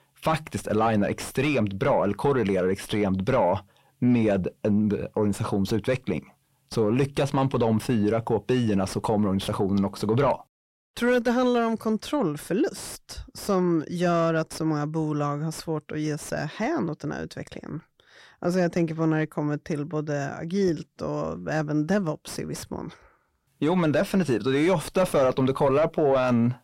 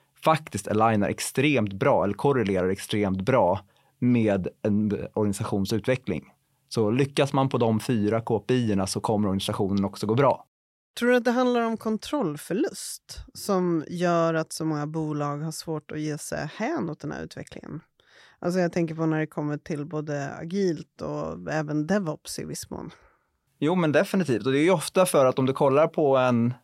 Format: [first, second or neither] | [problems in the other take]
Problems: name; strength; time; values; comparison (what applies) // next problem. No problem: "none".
second | distortion; slight; 10 dB below the speech